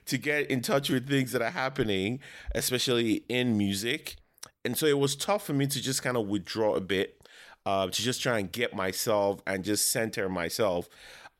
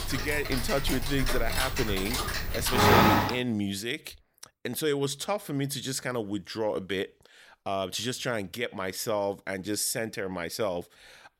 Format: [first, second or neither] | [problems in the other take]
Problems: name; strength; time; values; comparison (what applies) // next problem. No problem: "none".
first | household noises; very loud; until 3 s; 4 dB above the speech